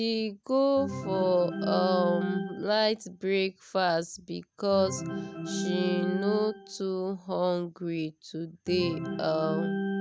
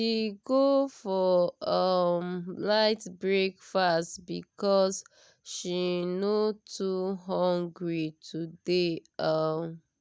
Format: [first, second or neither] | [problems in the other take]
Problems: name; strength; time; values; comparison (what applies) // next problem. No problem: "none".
second | background sound (Organ); 6 dB below the speech